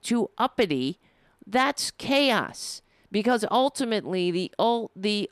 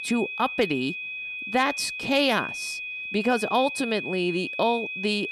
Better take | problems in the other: first | high-pitched whine; loud; throughout; 2.5 kHz, 5 dB below the speech

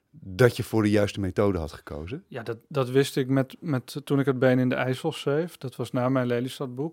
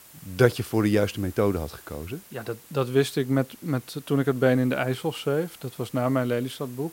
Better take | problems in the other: first | hiss; faint; throughout; 20 dB below the speech

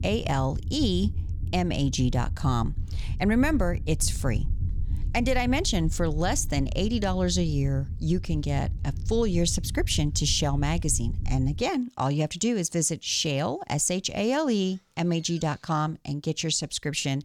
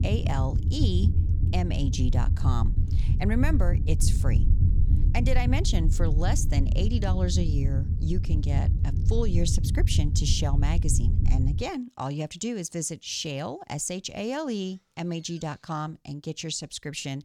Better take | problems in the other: first | low rumble; loud; until 12 s; 8 dB below the speech; faint in the first

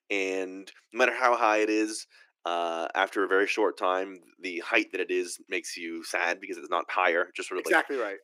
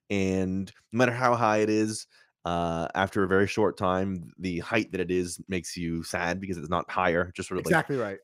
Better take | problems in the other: second | thin; somewhat; fading below 300 Hz

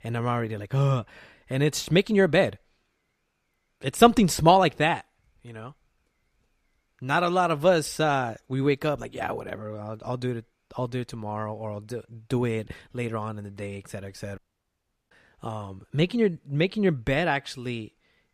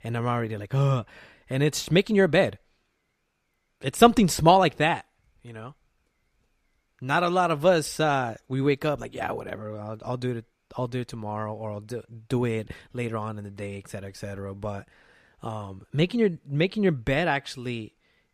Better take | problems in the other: second | audio cutting out; at 14 s for 0.5 s

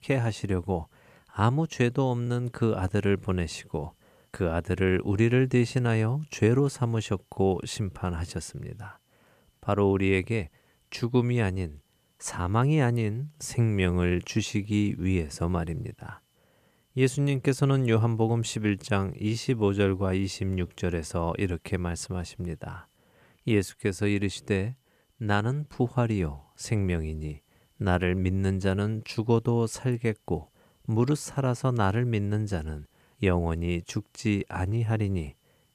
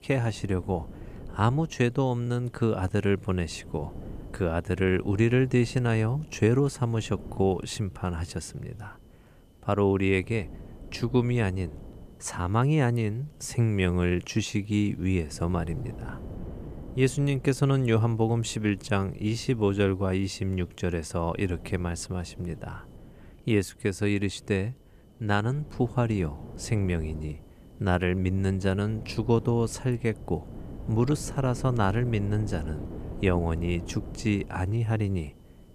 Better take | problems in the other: first | wind noise on the microphone; occasional gusts; 20 dB below the speech

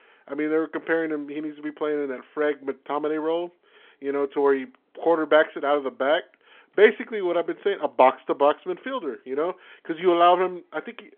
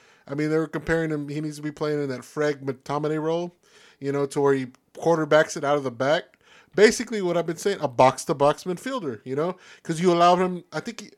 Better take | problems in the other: second | phone-call audio

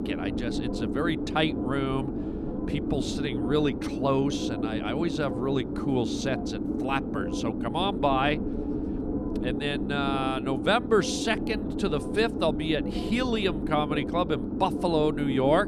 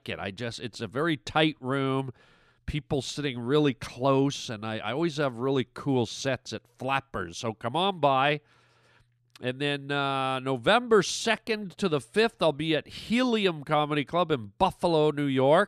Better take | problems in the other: second | low rumble; loud; throughout; 6 dB below the speech

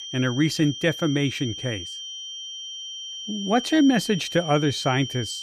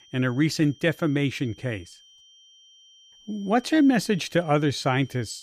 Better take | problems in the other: second | high-pitched whine; loud; throughout; 3 kHz, 9 dB below the speech; faint in the second

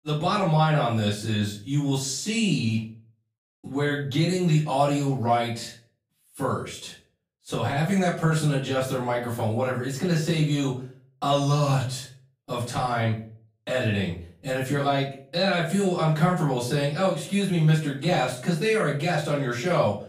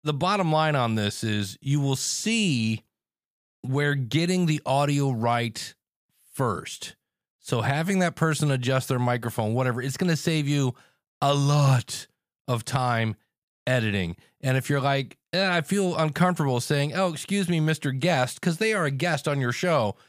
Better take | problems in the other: second | room echo; slight; dies away in 0.4 s // off-mic speech; far

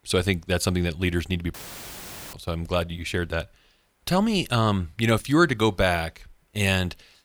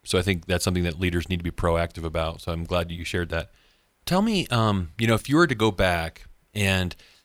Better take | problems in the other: second | audio cutting out; filled with static; at 1.5 s for 1 s

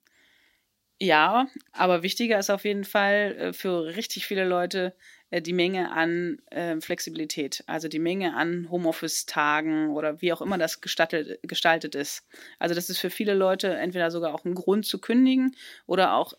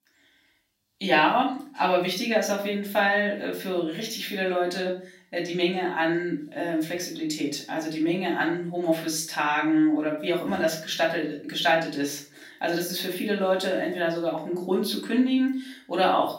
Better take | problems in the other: first | off-mic speech; far // room echo; slight; dies away in 0.4 s

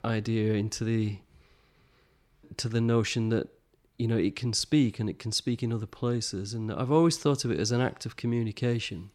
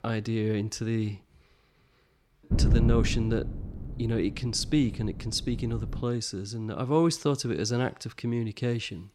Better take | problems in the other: first | wind noise on the microphone; occasional gusts; from 2.5 to 6 s; 10 dB below the speech

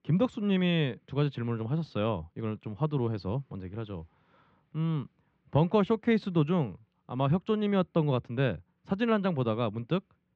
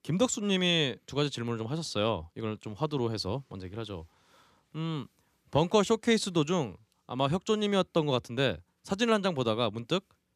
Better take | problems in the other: second | muffled; very; fading above 2.5 kHz

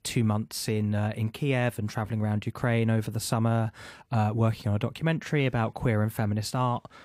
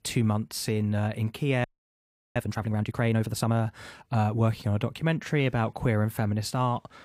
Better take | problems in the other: first | audio freezing; at 1.5 s for 0.5 s

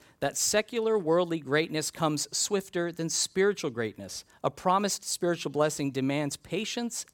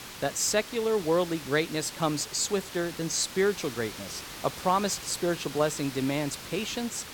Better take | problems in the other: first | hiss; noticeable; throughout; 10 dB below the speech

